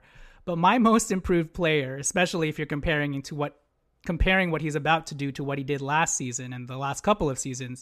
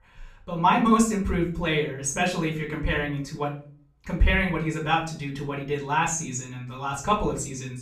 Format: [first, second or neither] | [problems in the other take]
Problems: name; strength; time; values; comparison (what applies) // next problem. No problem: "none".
first | off-mic speech; far // room echo; slight; dies away in 0.4 s